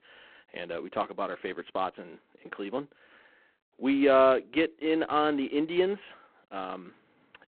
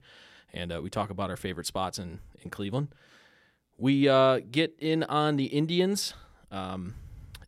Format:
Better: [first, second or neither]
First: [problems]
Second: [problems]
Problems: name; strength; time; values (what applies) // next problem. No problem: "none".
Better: second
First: phone-call audio; poor line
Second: none